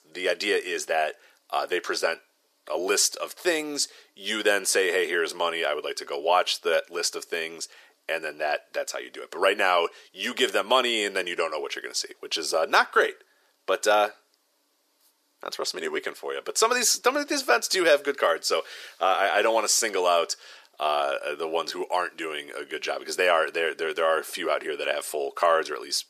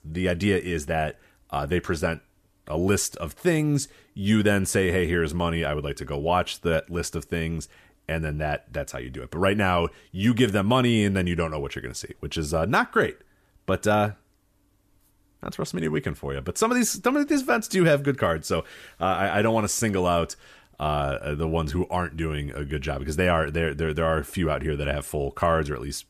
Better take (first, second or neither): second